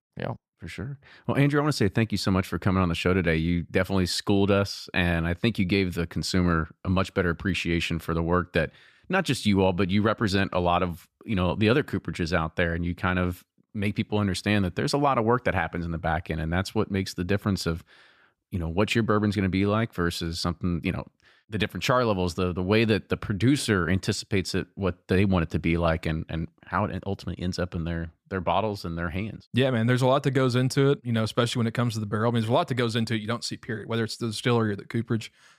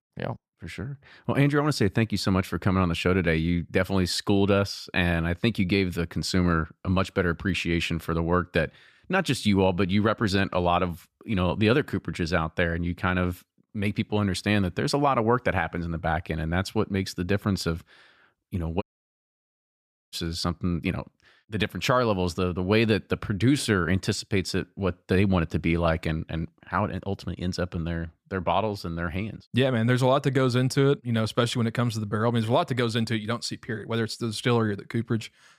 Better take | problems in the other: first | audio cutting out; at 19 s for 1.5 s

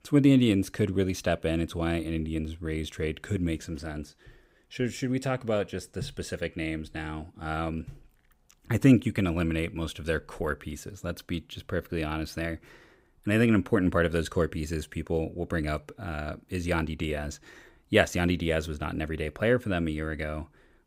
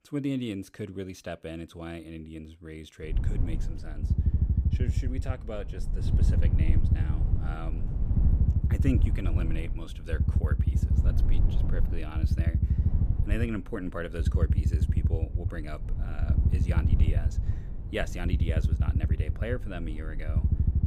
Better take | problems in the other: first | low rumble; loud; from 3 s on; 3 dB below the speech

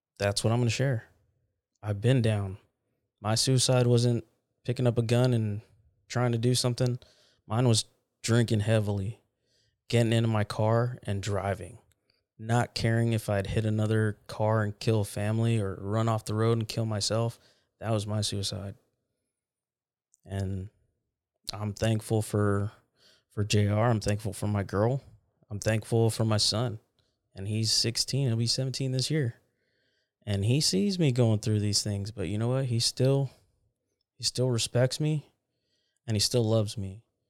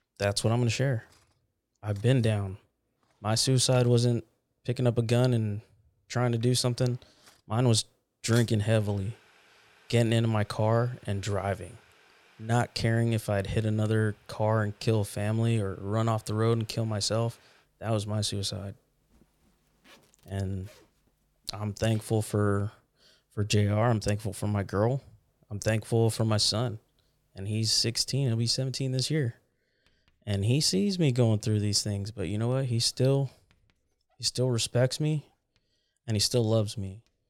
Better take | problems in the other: first | household noises; faint; throughout; 30 dB below the speech

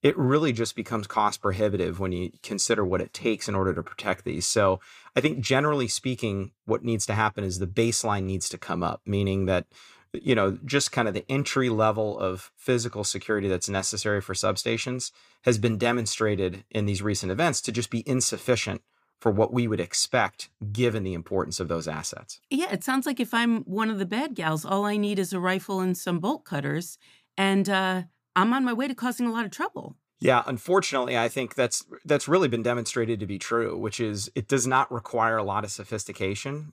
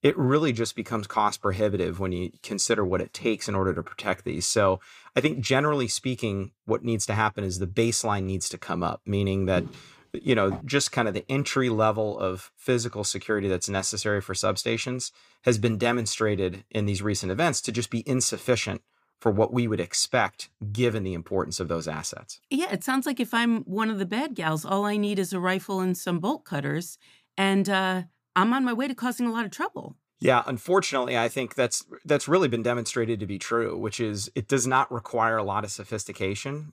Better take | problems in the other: first | footsteps; noticeable; from 9.5 to 11 s; peak 9 dB below the speech

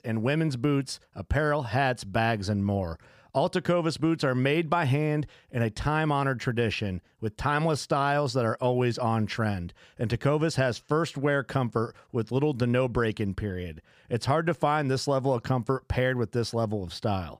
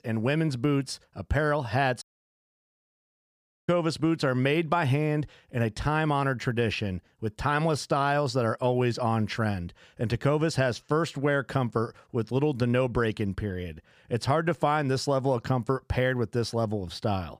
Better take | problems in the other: first | audio cutting out; at 2 s for 1.5 s

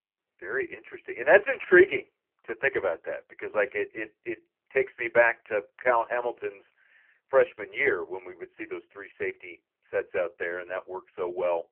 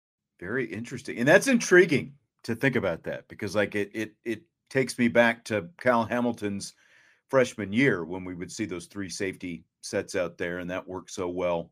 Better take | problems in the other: second | phone-call audio; poor line

